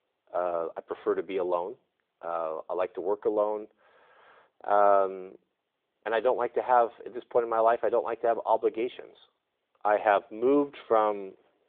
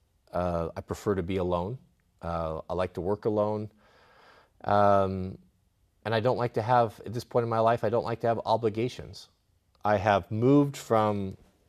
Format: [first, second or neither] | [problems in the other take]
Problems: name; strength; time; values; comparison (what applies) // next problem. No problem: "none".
second | phone-call audio